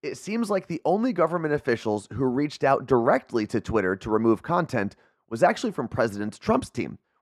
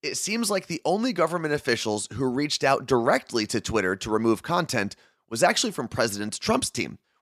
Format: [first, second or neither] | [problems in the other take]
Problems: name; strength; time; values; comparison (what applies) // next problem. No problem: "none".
second | muffled; slightly; fading above 2.5 kHz